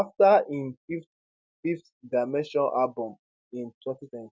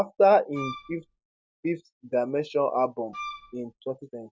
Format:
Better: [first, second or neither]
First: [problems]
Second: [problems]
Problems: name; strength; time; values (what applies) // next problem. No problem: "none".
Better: first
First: none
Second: background sound (Wind instrument, woodwind instrument); 13 dB below the speech